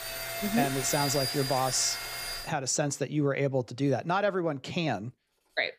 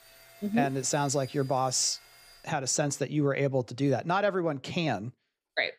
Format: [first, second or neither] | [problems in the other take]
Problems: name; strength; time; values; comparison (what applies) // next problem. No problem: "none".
second | household noises; loud; throughout; 4 dB below the speech; faint in the second